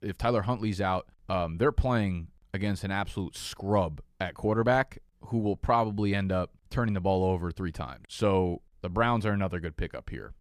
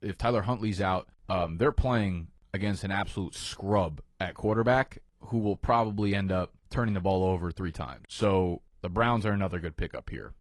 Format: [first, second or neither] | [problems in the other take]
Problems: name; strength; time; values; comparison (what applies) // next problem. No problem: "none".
first | garbled, watery; slightly